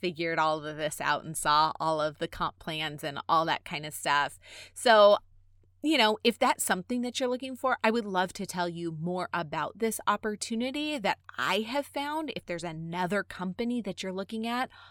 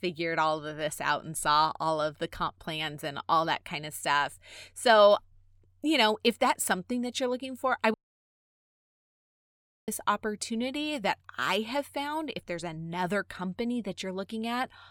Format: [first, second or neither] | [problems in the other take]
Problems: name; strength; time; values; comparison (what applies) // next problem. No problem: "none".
first | audio cutting out; at 8 s for 2 s